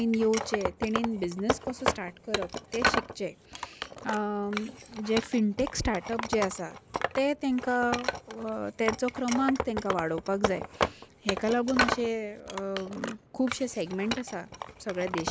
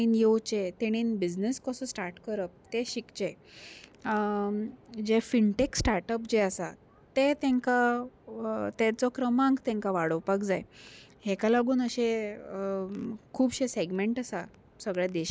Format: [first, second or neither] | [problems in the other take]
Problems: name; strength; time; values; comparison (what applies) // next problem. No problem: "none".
second | background sound (Wood); 4 dB below the speech